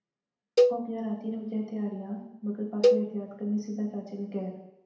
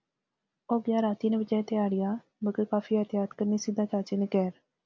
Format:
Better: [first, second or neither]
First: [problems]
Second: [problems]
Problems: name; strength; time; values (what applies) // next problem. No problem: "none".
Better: second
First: background sound (Cowbell); 5 dB above the speech // room echo; dies away in 0.8 s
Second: none